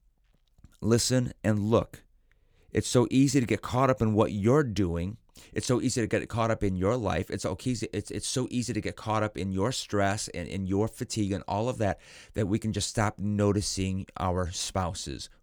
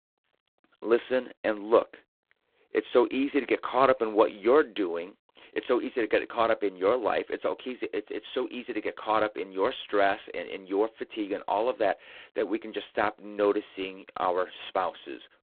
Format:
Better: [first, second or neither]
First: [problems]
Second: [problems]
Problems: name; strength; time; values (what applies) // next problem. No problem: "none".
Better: first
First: none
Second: phone-call audio; poor line; nothing above 3.5 kHz